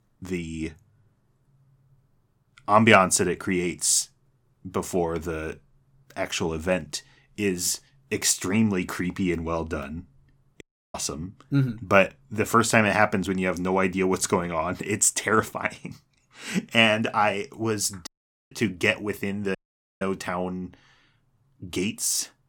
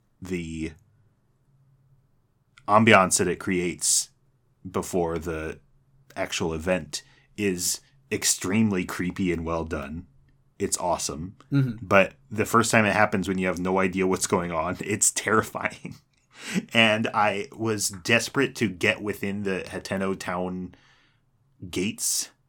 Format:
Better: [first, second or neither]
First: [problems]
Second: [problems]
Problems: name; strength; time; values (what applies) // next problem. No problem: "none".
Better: second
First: audio cutting out; at 11 s, at 18 s and at 20 s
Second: none